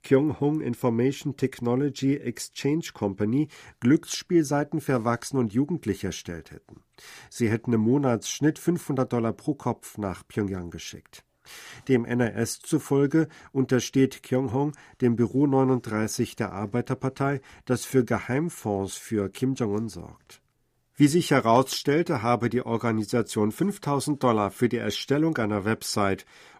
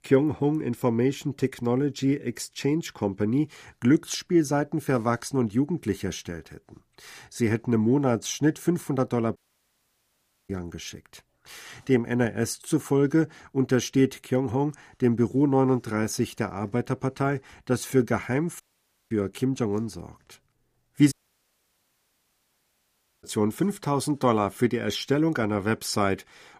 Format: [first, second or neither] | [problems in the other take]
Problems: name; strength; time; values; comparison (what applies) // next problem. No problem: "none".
first | audio cutting out; at 9.5 s for 1 s, at 19 s for 0.5 s and at 21 s for 2 s